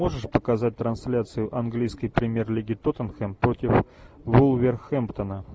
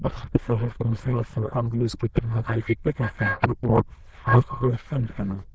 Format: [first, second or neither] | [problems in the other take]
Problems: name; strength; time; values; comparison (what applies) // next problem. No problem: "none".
first | noise reduction (neural diffusion model UNIVERSE++)